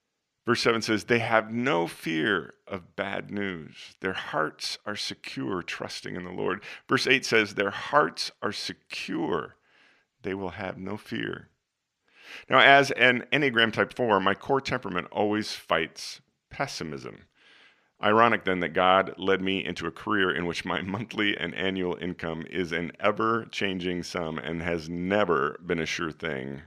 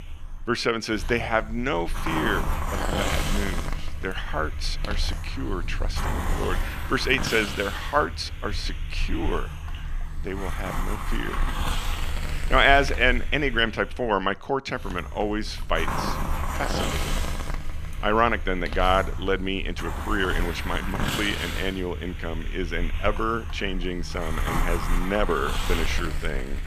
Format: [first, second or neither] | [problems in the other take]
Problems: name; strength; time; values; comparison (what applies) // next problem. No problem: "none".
first | hiss; loud; throughout; 4 dB below the speech